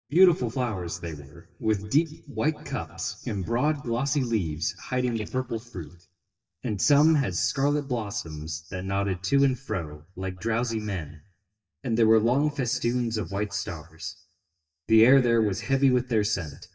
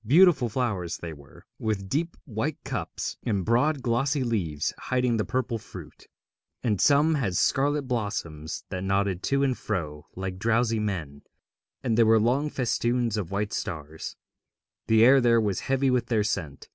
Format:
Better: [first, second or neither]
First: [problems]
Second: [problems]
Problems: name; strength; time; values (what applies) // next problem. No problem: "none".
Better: second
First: noise reduction (neural mask model DeepFilterNet 3)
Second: none